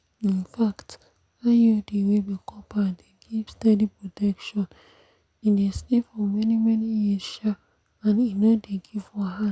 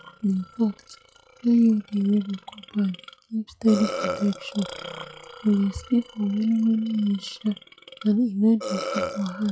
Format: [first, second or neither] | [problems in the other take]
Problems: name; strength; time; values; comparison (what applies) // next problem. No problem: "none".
first | noise reduction (classical method log-MMSE)